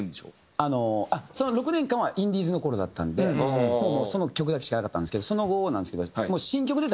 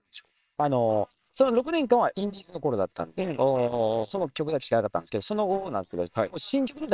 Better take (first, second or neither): first